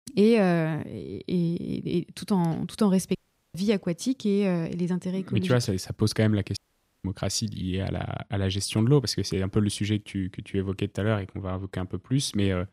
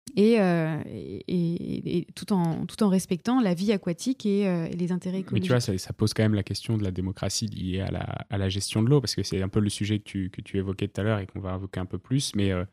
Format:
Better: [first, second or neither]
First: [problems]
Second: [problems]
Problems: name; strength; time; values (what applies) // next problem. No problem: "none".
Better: second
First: audio cutting out; at 3 s and at 6.5 s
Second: none